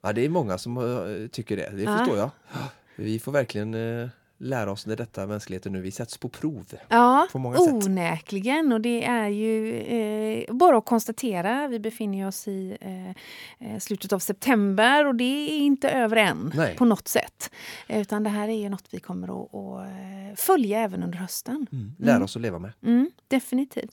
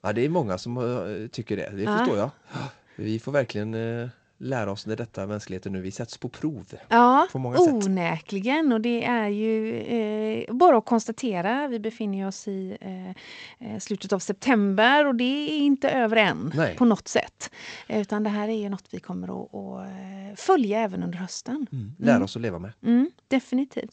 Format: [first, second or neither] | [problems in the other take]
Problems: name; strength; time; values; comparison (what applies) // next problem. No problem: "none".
first | garbled, watery; slightly; nothing above 7.5 kHz